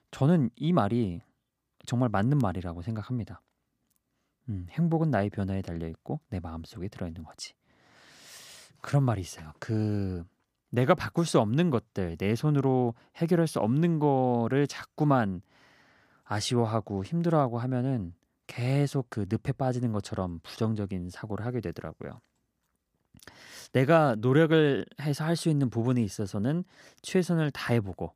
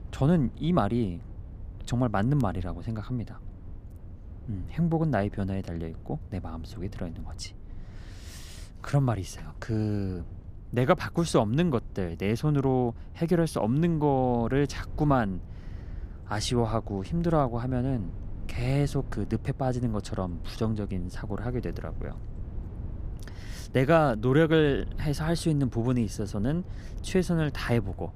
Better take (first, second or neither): first